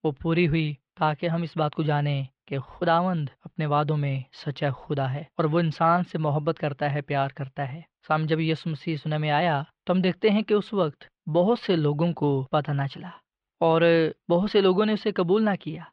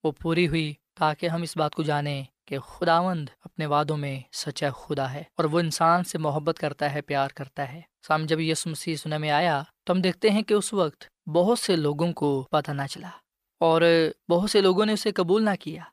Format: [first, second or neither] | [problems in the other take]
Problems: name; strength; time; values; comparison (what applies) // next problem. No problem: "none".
second | muffled; slightly; fading above 3 kHz